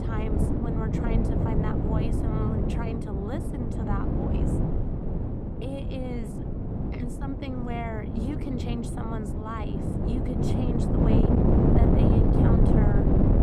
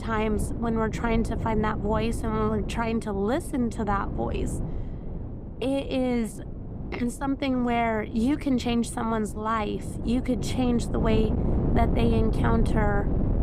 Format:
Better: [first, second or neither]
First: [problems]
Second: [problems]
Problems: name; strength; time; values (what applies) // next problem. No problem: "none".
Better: second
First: wind noise on the microphone; heavy; 5 dB above the speech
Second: wind noise on the microphone; occasional gusts; 10 dB below the speech